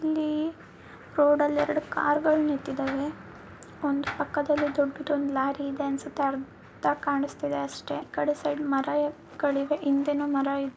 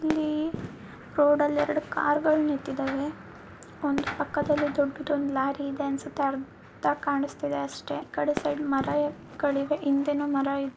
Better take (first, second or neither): first